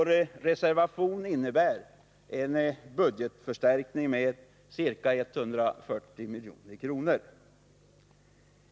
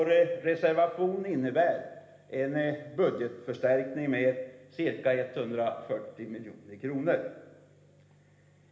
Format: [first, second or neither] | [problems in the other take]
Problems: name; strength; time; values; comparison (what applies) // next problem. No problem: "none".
first | room echo; dies away in 1.1 s